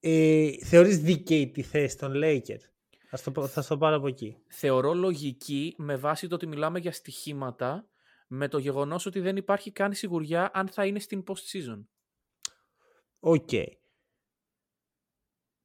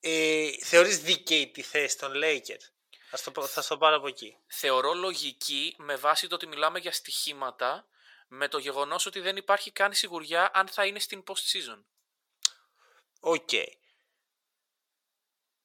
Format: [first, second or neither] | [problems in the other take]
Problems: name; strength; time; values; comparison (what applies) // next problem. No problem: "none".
first | thin; very; fading below 850 Hz